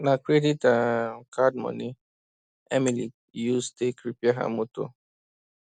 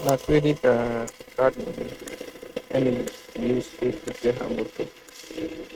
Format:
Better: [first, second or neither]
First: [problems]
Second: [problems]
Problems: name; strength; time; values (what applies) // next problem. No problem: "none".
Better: first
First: none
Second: noise reduction (neural mask model RNNoise)